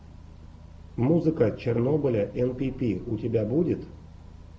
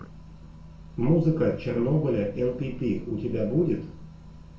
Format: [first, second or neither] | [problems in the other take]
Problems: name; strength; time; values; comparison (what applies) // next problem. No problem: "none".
first | room echo; dies away in 0.3 s